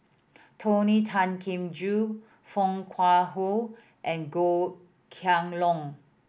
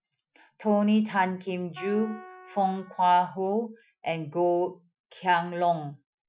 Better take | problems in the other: first | noise reduction (classical method Wiener filter)

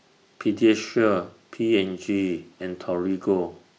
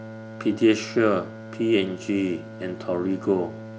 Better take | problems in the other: first | background sound (Bowed string instrument); 14 dB below the speech

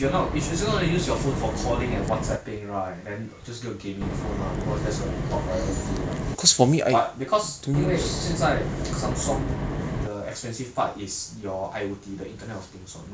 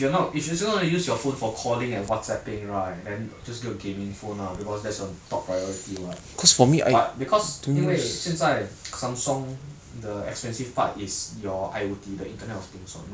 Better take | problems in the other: second | background sound (Wind); 1 dB below the speech

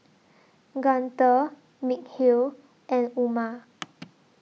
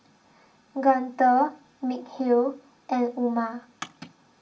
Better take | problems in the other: first | room echo; dies away in 0.2 s

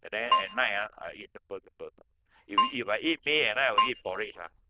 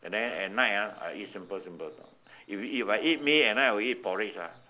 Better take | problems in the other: second | noise reduction (neural diffusion model UNIVERSE++)

